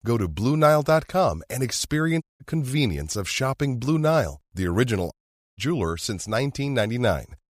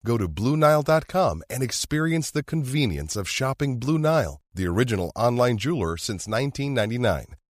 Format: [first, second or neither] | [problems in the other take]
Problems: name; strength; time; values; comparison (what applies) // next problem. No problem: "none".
second | audio cutting out; at 2 s and at 5 s